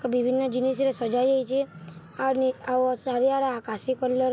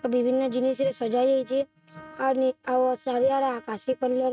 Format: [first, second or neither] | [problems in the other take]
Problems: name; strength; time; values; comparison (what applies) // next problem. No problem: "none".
first | noise reduction (neural mask model RNNoise)